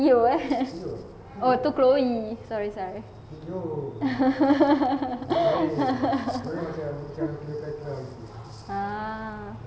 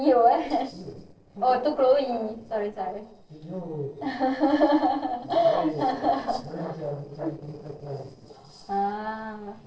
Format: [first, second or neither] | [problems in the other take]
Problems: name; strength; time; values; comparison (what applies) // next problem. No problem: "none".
first | noise reduction (neural separator model SepFormer DNS4)